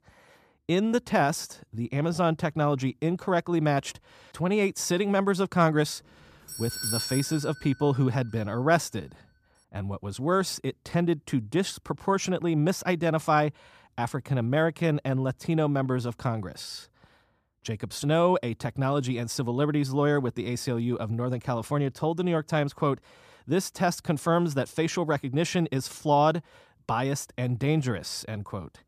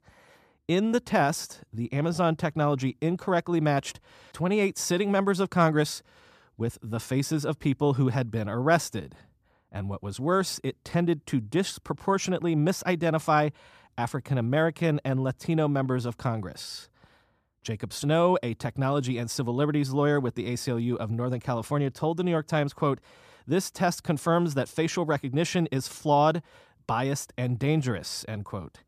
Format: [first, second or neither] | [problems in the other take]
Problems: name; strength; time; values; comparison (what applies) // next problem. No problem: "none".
second | doorbell; noticeable; from 6.5 to 7.5 s; peak 1 dB below the speech